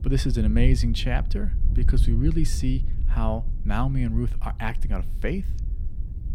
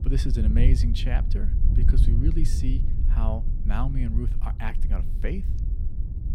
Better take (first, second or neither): first